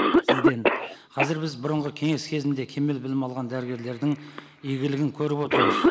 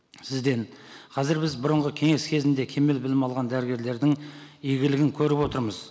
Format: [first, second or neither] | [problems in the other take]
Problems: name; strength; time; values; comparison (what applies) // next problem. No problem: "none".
second | noise reduction (neural mask model Resemble Enhance denoiser)